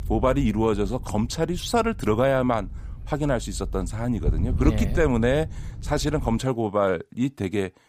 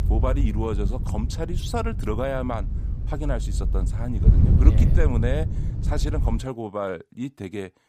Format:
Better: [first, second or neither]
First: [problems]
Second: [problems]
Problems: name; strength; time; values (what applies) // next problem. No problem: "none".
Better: first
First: wind noise on the microphone; occasional gusts; until 6.5 s; 20 dB below the speech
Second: wind noise on the microphone; heavy; until 6.5 s; 8 dB below the speech